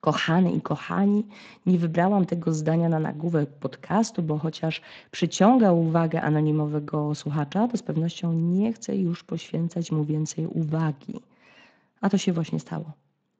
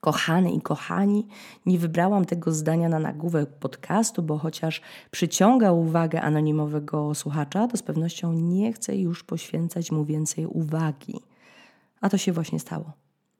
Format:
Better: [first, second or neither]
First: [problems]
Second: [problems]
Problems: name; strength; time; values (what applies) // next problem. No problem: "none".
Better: second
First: garbled, watery; slightly; nothing above 7.5 kHz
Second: none